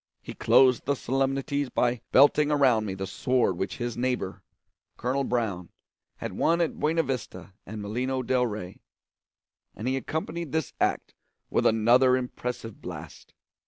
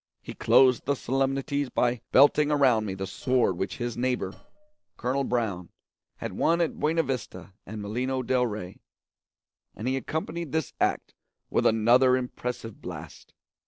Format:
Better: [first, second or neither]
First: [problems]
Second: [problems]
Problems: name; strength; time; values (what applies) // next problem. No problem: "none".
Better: first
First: none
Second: noise reduction (neural separator model SepFormer DNS4)